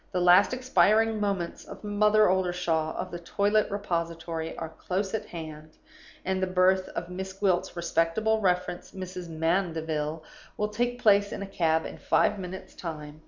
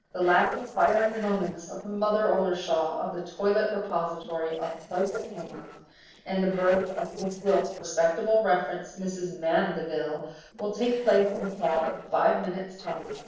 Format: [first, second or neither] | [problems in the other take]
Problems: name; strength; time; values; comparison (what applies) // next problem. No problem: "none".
first | noise reduction (neural separator model SepFormer DNS4)